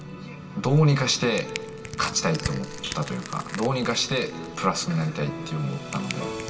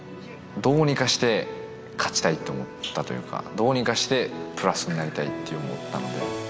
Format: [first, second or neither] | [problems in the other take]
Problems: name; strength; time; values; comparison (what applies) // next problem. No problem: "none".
second | background sound (Crushing); 15 dB below the speech // room echo; dies away in 2 s